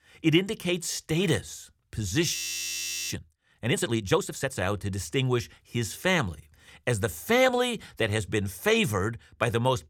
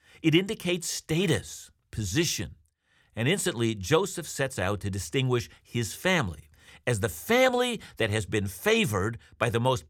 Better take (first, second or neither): second